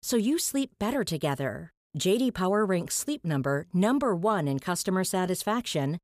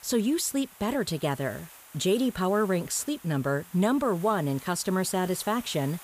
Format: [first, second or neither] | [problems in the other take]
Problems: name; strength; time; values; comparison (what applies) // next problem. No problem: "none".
first | hiss; noticeable; throughout; 20 dB below the speech